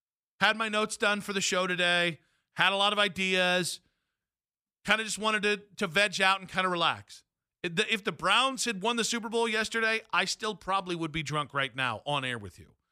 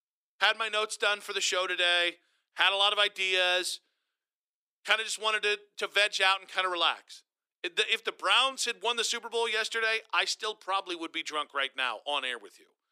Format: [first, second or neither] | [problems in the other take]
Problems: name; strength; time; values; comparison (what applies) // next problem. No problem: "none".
first | thin; very; fading below 350 Hz